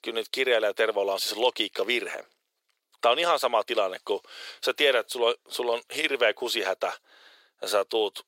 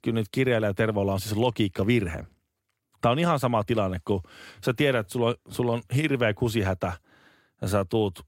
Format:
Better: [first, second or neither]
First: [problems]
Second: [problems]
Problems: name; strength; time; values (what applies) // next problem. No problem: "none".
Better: second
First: thin; very; fading below 450 Hz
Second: none